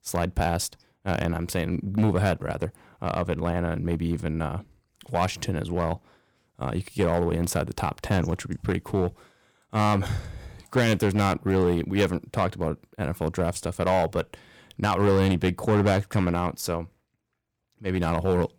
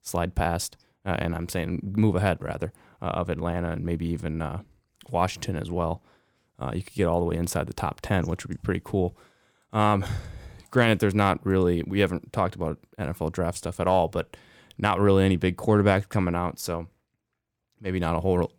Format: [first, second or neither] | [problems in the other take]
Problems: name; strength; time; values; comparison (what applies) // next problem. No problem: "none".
second | distortion; slight; 4% of the sound clipped